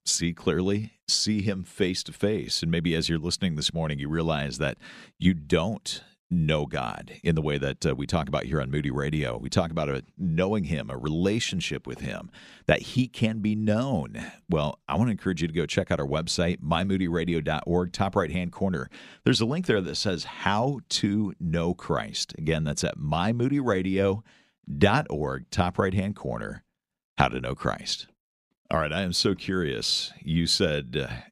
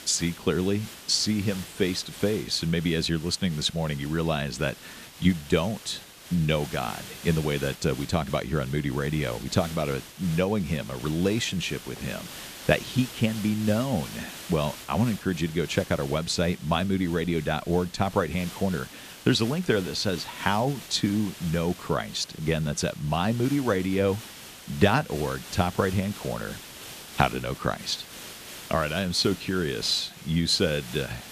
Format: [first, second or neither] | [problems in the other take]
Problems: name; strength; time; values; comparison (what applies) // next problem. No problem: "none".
first | hiss; noticeable; throughout; 15 dB below the speech